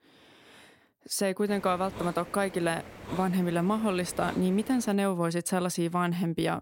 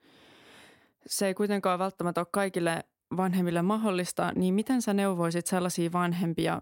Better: second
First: hiss; noticeable; from 1.5 to 5 s; 15 dB below the speech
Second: none

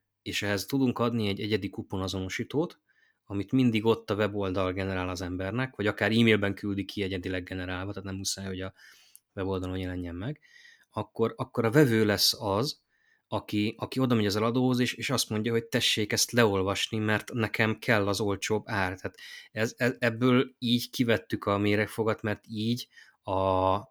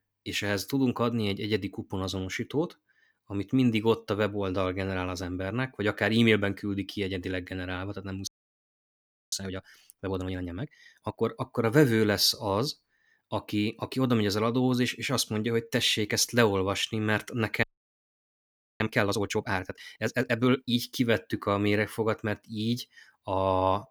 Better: first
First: none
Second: audio freezing; at 8.5 s for 1 s and at 18 s for 1 s

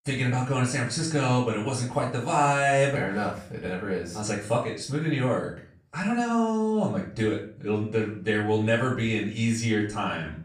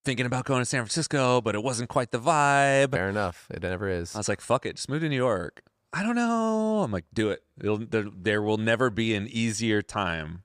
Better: second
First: off-mic speech; far // room echo; slight; dies away in 0.4 s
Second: none

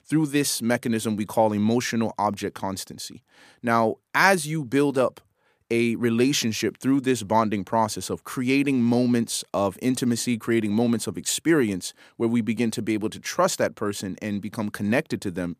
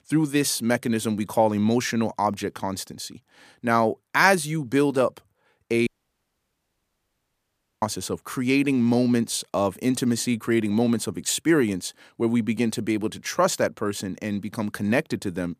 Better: first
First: none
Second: audio cutting out; at 6 s for 2 s

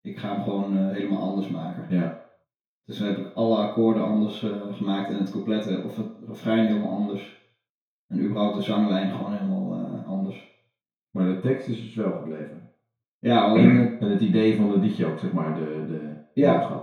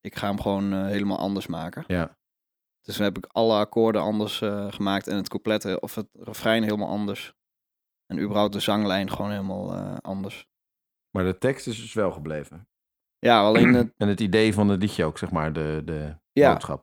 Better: second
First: room echo; noticeable; dies away in 0.5 s // off-mic speech; far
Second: none

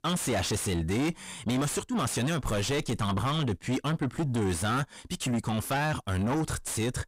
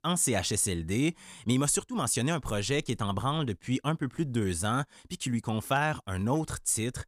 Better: second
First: distortion; heavy; 6 dB below the speech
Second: none

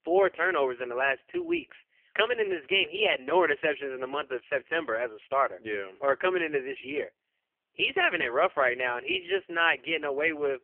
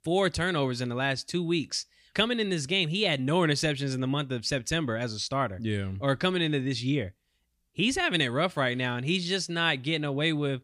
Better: second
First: phone-call audio; poor line; nothing above 3 kHz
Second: none

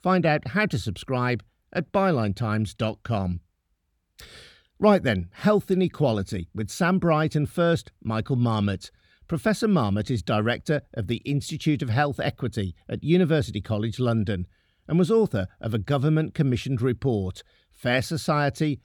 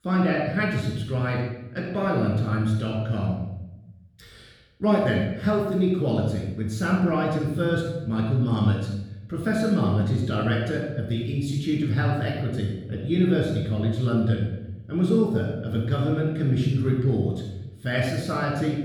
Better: first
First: none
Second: off-mic speech; far // room echo; noticeable; dies away in 0.8 s

